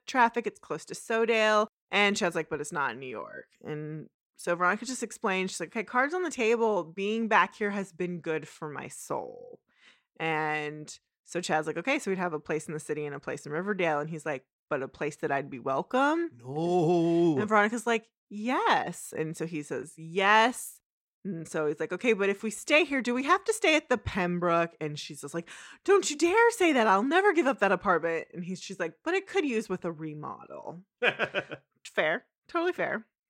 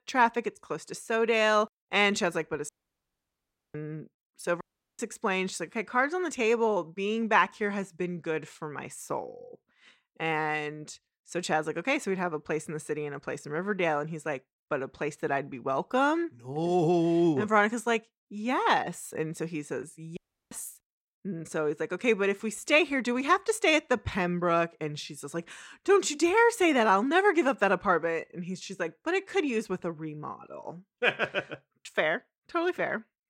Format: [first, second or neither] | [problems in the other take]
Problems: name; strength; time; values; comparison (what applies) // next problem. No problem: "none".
first | audio cutting out; at 2.5 s for 1 s, at 4.5 s and at 20 s